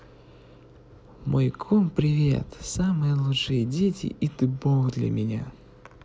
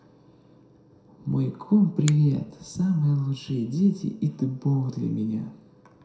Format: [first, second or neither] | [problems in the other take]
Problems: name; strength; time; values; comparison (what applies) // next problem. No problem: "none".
first | background sound (Finger snapping); 18 dB below the speech // room echo; dies away in 0.7 s